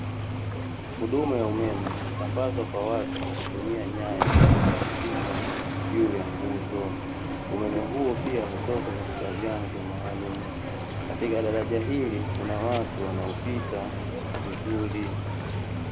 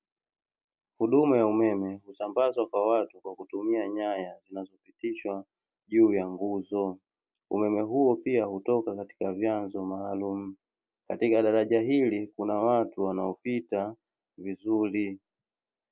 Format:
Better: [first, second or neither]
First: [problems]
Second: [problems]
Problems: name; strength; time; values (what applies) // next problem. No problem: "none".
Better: second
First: background sound (Cricket / Waves, surf); 3 dB above the speech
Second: none